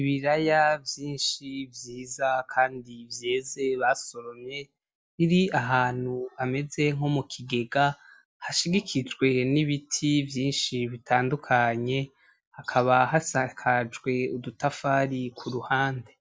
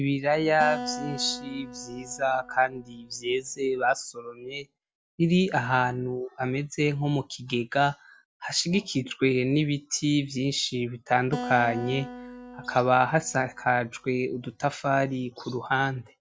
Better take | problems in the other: first | background sound (Acoustic guitar); 13 dB below the speech

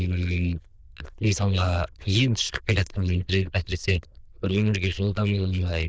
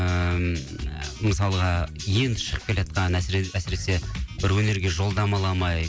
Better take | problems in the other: second | noise reduction (neural diffusion model UNIVERSE++)

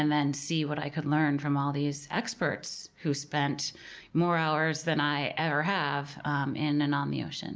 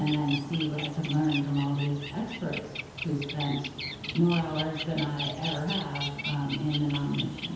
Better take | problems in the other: first | background sound (Bird); 8 dB below the speech // room echo; dies away in 1 s

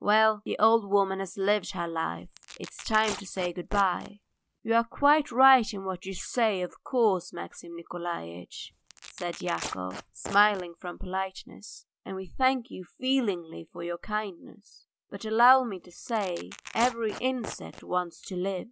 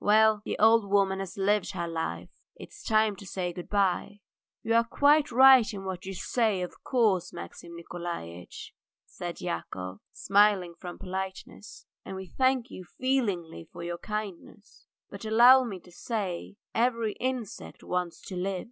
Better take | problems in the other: second | background sound (Tearing); 15 dB below the speech

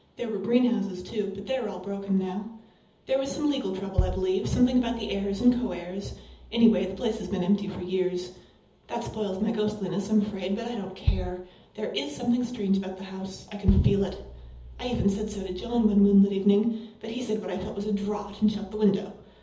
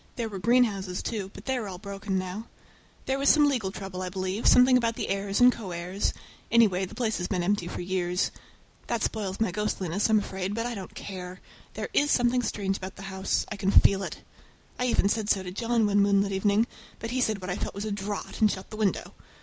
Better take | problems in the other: second | background sound (Bass drum); 6 dB below the speech // room echo; dies away in 0.7 s

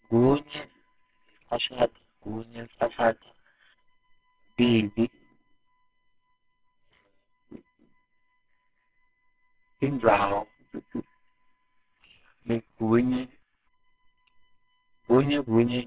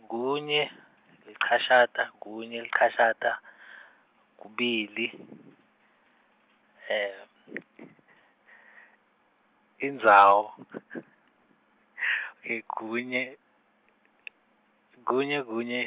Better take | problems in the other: second | noise reduction (neural separator model SepFormer WHAMR!)

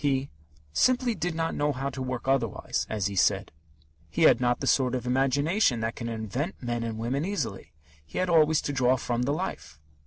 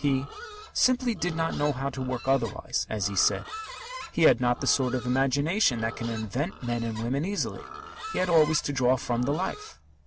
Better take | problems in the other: first | background sound (Livestock, farm animals, working animals); 15 dB below the speech

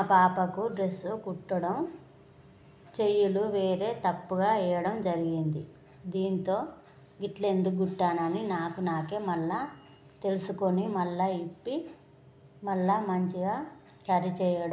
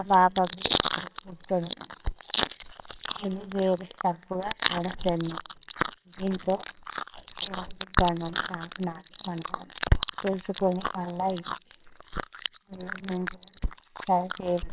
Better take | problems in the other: first | noise reduction (neural separator model SepFormer WHAMR!)

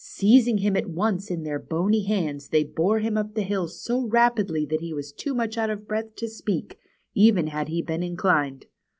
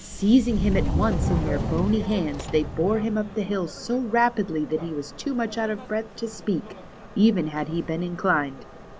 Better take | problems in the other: first | background sound (Subway, metro, underground); 6 dB below the speech

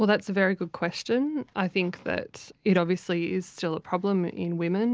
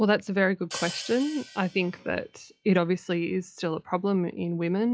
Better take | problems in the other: first | noise reduction (classical method log-MMSE)

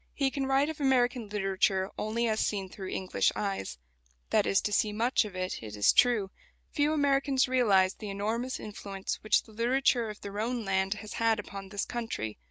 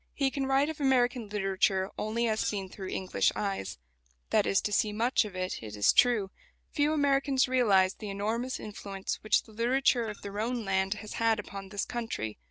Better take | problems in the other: first | noise reduction (neural separator model SepFormer DNS4)

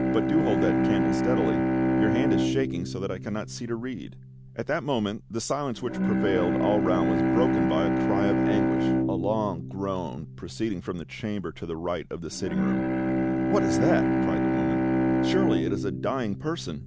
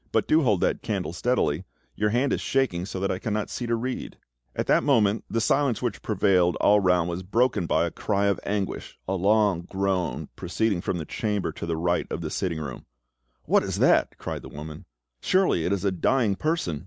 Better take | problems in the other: second | background sound (Bowed string instrument); 4 dB above the speech

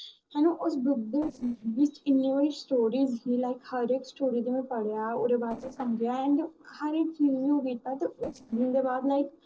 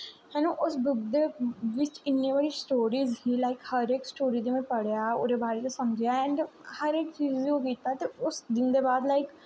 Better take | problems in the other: second | noise reduction (neural separator model SepFormer DNS4)

